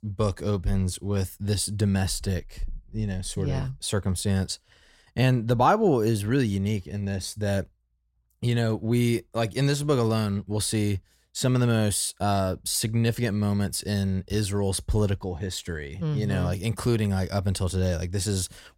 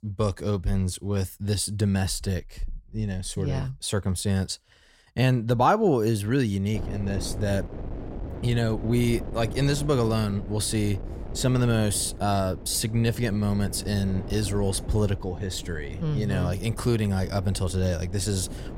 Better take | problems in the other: first | wind noise on the microphone; occasional gusts; from 6.5 s on; 15 dB below the speech

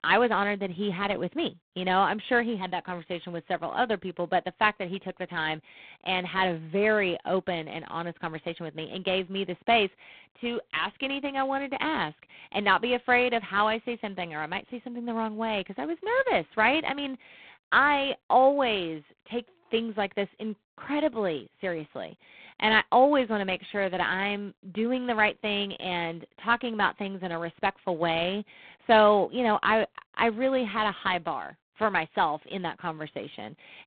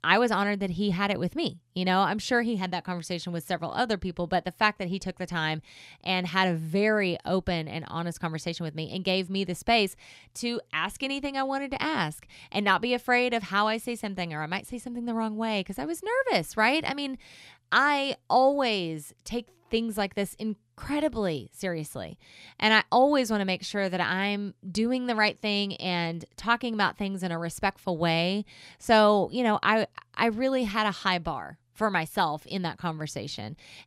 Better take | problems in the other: second | phone-call audio; poor line

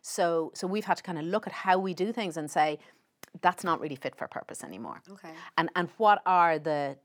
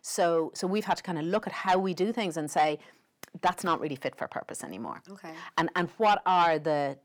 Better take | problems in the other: first | distortion; slight; 10 dB below the speech

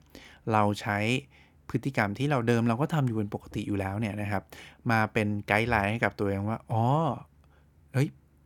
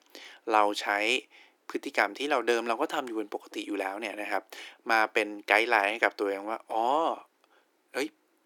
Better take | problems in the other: first | thin; very; fading below 350 Hz

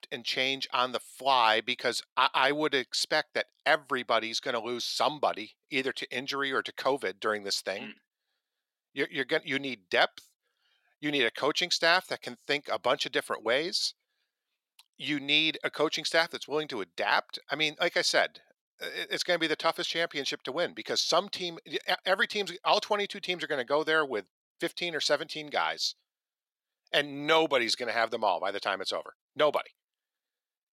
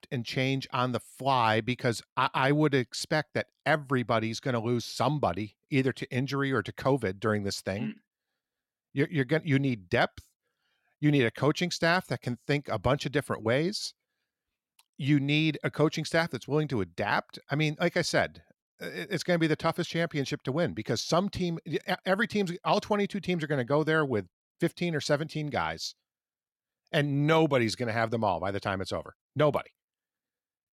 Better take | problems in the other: second | thin; somewhat; fading below 450 Hz

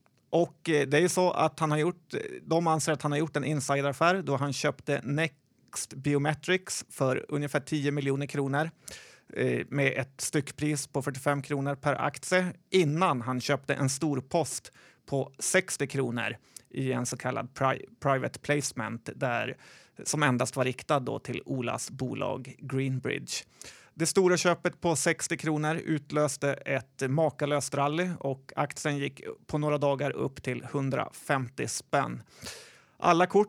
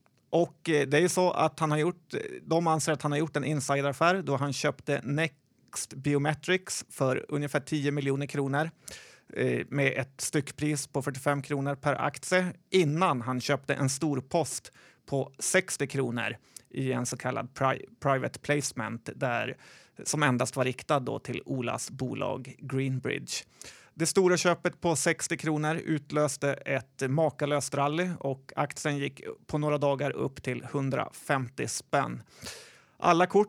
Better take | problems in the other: neither | none

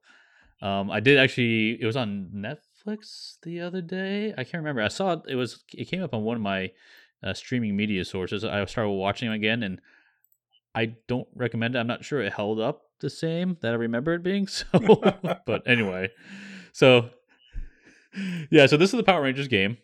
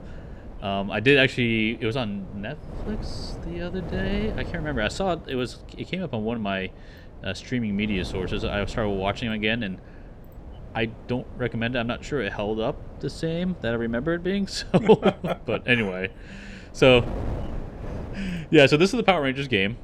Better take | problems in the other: first | wind noise on the microphone; occasional gusts; 20 dB below the speech

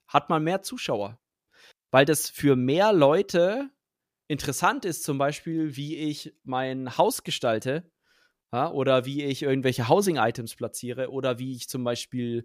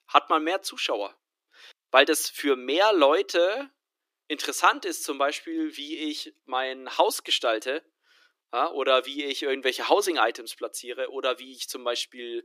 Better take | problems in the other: first | thin; somewhat; fading below 300 Hz

